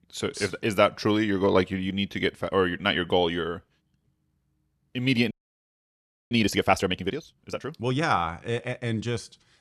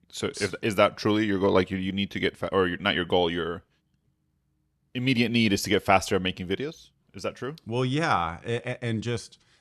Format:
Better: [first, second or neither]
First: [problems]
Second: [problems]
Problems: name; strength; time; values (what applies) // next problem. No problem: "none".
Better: second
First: audio freezing; at 5.5 s for 1 s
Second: none